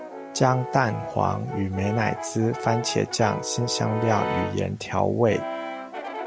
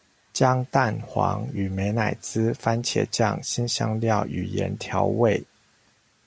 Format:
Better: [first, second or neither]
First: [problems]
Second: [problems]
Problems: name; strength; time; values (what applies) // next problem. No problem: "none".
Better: second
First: background sound (Brass instrument); 7 dB below the speech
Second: none